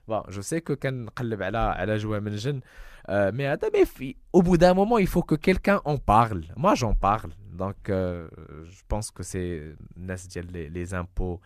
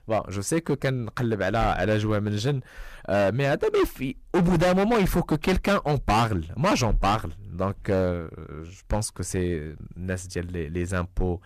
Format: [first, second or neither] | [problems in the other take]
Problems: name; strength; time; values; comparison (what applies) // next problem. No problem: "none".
first | distortion; heavy; 11% of the sound clipped